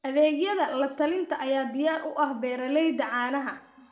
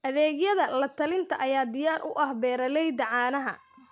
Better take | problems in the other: second | room echo; dies away in 0.7 s

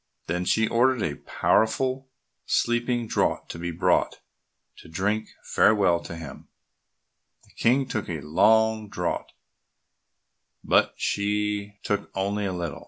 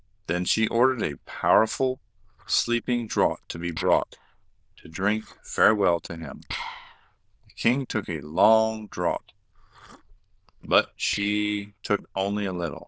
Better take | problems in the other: first | noise reduction (neural diffusion model UNIVERSE++)

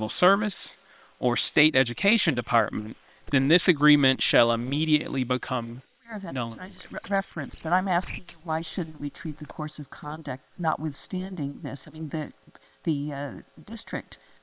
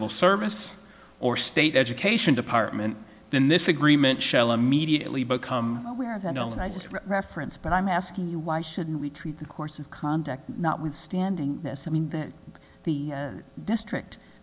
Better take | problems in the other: second | noise reduction (neural separator model SepFormer WHAM!)

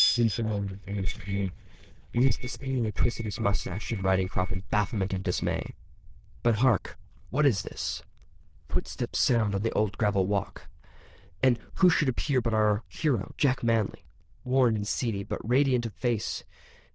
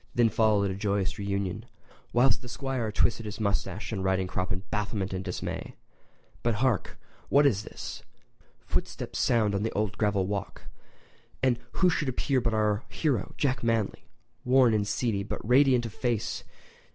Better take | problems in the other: second | noise reduction (neural diffusion model UNIVERSE++)

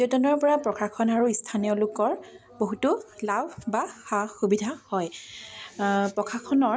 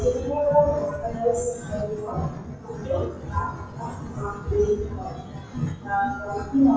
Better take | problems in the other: first | noise reduction (classical method WPE with log-MMSE)

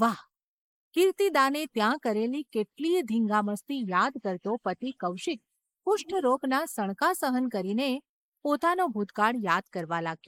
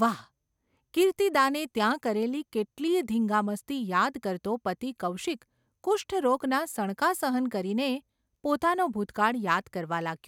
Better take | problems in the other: second | noise reduction (neural mask model Resemble Enhance denoiser)

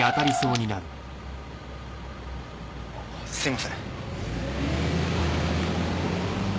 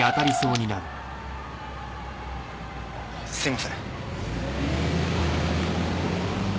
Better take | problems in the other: first | background sound (Cheering); 16 dB below the speech

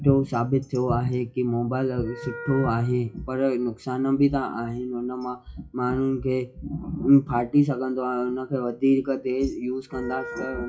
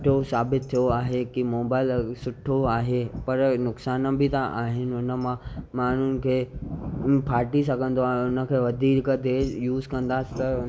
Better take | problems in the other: second | noise reduction (classical method WPE with log-MMSE)

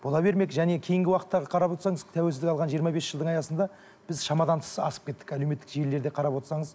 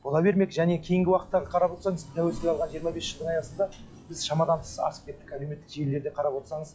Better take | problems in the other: first | noise reduction (classical method log-MMSE)

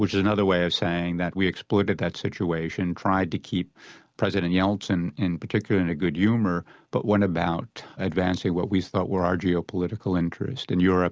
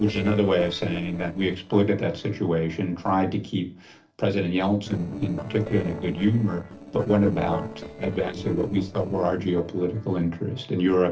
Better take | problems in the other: first | noise reduction (neural separator model SepFormer DNS4)

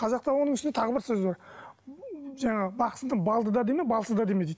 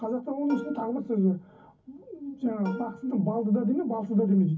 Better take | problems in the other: first | background sound (Plucked string instrument); 18 dB below the speech // room echo; dies away in 0.3 s

